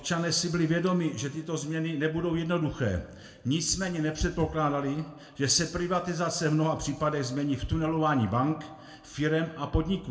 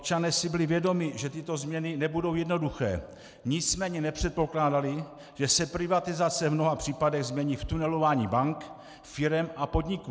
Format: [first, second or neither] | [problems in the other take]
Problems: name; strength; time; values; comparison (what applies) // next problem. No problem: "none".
second | background sound (Thump, thud); 16 dB below the speech // room echo; dies away in 0.5 s